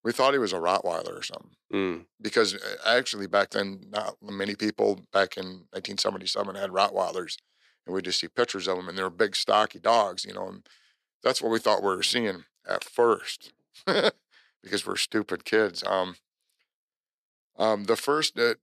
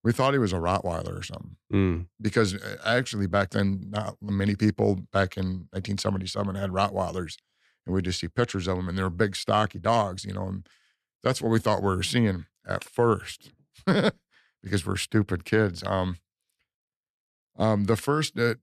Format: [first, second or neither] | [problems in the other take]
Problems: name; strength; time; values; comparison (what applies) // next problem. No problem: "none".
second | thin; somewhat; fading below 400 Hz